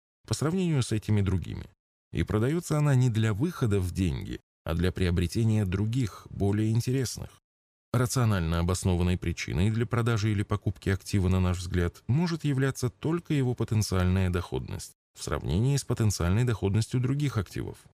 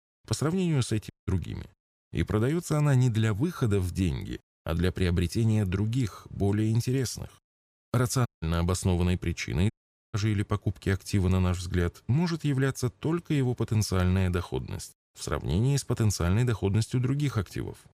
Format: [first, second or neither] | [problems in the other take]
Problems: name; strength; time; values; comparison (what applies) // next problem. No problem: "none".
first | audio cutting out; at 1 s, at 8.5 s and at 9.5 s